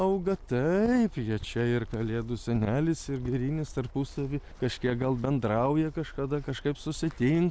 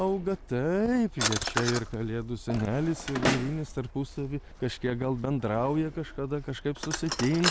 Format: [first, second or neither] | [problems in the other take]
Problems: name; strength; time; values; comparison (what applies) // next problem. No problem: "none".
first | background sound (Drawer open or close); 6 dB below the speech